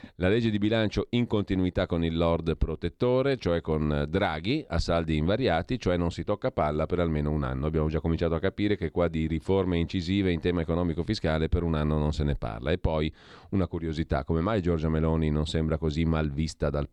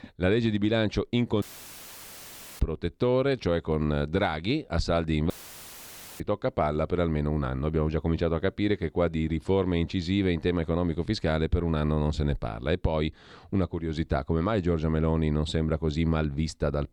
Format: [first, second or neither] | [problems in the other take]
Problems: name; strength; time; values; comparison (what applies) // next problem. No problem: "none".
first | audio cutting out; filled with static; at 1.5 s for 1 s and at 5.5 s for 1 s